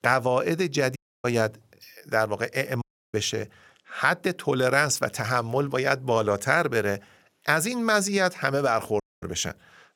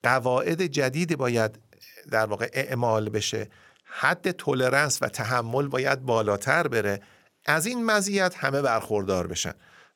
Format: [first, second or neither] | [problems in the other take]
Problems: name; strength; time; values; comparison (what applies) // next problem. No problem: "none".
second | audio cutting out; at 1 s, at 3 s and at 9 s